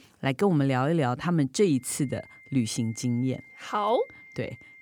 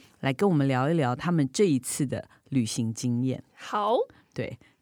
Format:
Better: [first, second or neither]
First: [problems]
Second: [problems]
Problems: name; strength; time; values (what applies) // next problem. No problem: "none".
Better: second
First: high-pitched whine; faint; from 2 s on; 2 kHz, 20 dB below the speech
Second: none